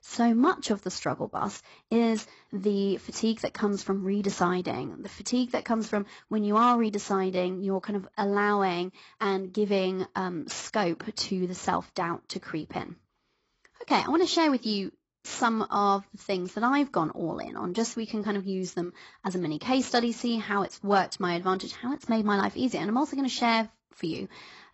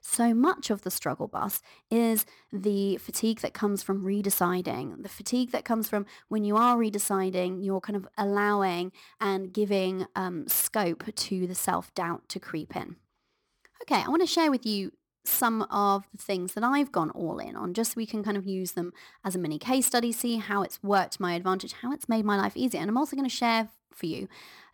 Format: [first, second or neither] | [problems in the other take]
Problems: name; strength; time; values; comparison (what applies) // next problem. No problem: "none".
second | garbled, watery; badly; nothing above 8 kHz